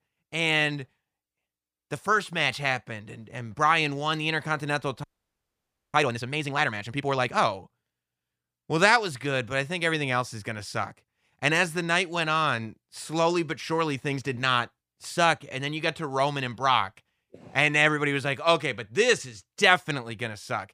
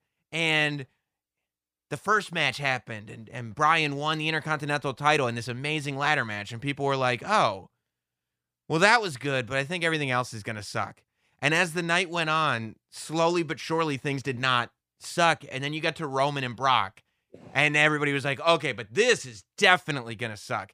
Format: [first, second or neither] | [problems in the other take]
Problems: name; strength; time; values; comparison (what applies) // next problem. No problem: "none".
second | audio freezing; at 5 s for 1 s